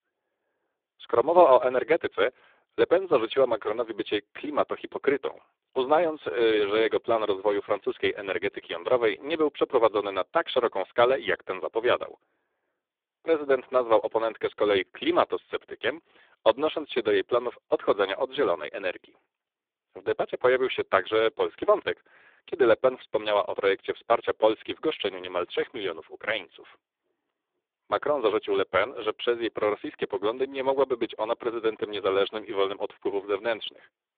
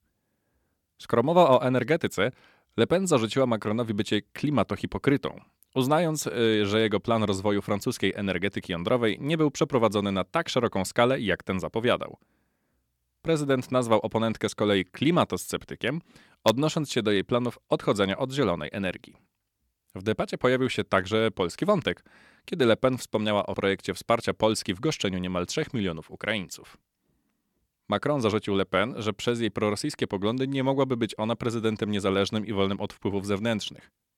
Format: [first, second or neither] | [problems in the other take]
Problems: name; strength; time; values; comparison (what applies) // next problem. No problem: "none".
second | phone-call audio; poor line